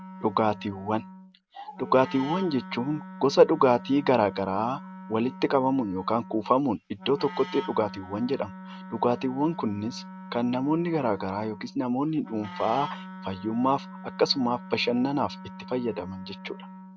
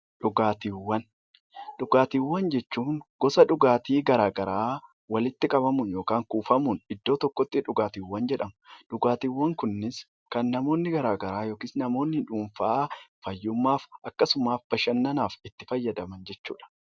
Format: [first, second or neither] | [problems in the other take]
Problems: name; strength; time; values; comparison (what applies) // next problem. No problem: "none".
second | background sound (Wind instrument, woodwind instrument); 15 dB below the speech